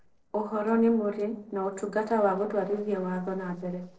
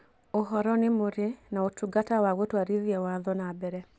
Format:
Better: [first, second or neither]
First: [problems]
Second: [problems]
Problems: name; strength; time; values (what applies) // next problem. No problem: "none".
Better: second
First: noise reduction (neural separator model SepFormer DNS4)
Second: none